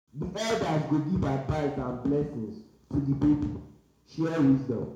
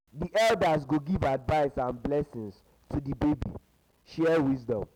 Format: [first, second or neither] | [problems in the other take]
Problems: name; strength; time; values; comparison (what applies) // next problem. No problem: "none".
second | room echo; dies away in 0.6 s